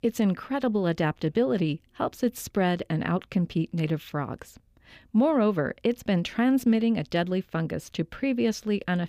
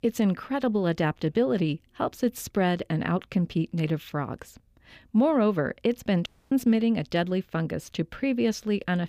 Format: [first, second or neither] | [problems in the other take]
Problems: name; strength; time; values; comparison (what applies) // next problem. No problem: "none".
first | audio cutting out; at 6.5 s